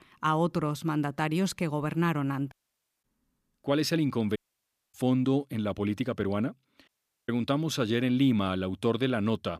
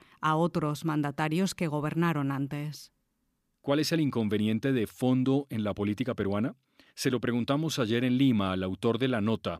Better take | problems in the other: second | audio cutting out; at 2.5 s for 0.5 s, at 4.5 s for 0.5 s and at 7 s

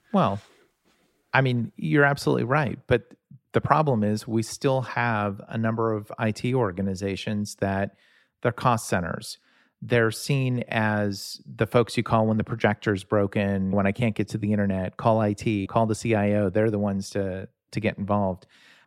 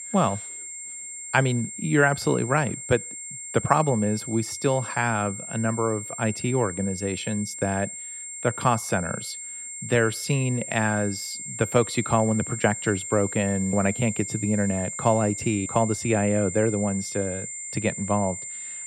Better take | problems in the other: first | high-pitched whine; loud; throughout; 7.5 kHz, 8 dB below the speech

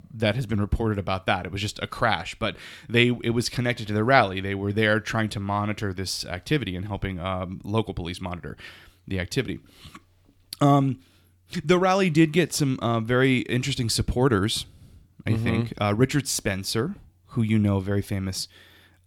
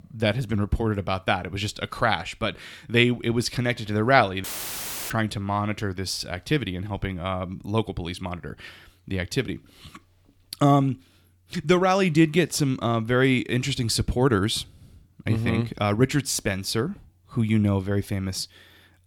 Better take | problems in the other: first | audio cutting out; filled with static; at 4.5 s for 0.5 s

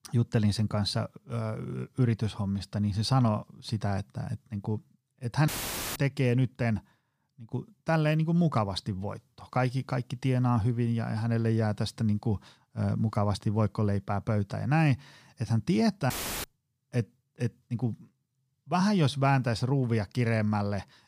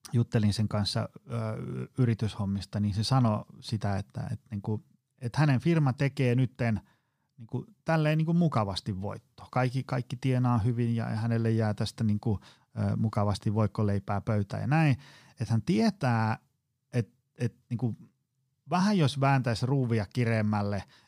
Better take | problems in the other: second | audio cutting out; filled with static; at 5.5 s and at 16 s

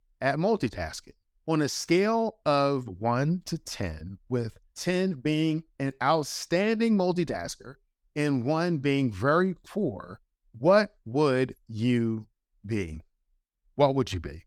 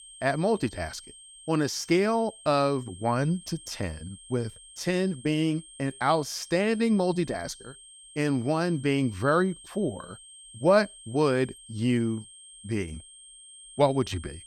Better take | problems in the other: first | high-pitched whine; noticeable; throughout; 8.5 kHz, 20 dB below the speech

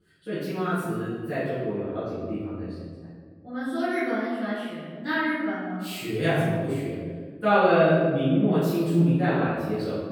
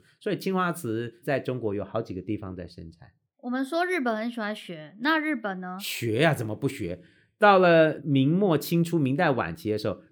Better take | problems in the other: second | off-mic speech; far // room echo; strong; dies away in 1.5 s

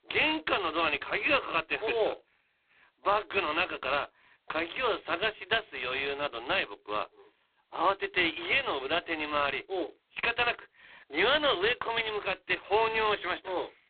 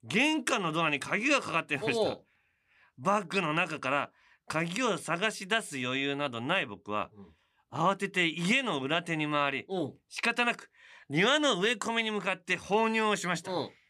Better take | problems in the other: second | phone-call audio; poor line; nothing above 4 kHz

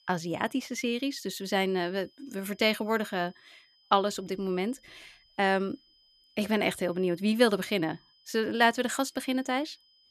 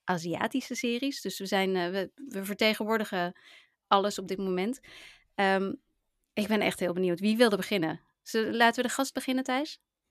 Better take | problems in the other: second | high-pitched whine; faint; throughout; 5 kHz, 30 dB below the speech

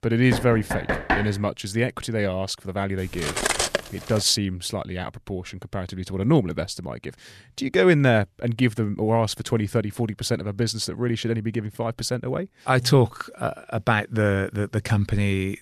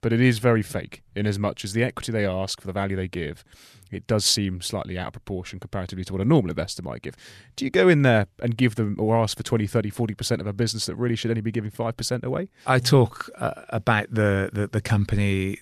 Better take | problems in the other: second | door banging; loud; at 0.5 s; peak level with the speech // clattering dishes; loud; from 3 to 4 s; peak 2 dB above the speech

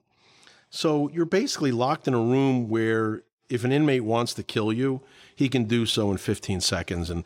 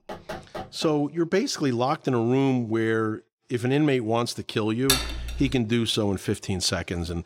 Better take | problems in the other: first | door banging; faint; at the start; peak 10 dB below the speech // clattering dishes; loud; at 5 s; peak 2 dB above the speech

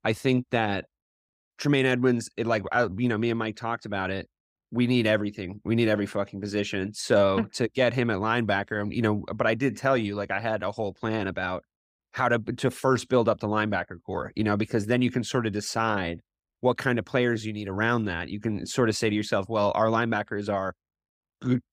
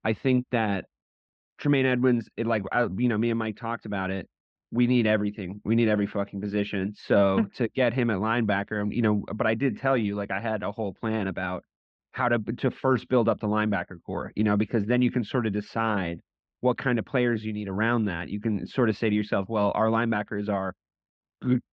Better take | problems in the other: first | muffled; slightly; fading above 3.5 kHz

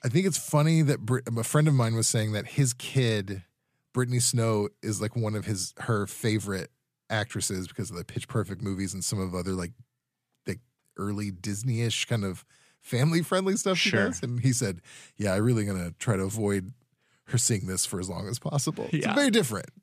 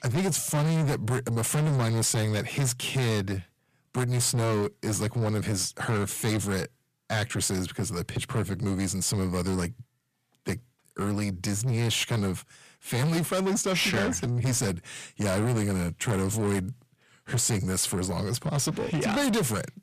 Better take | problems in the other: first | distortion; heavy; 7 dB below the speech

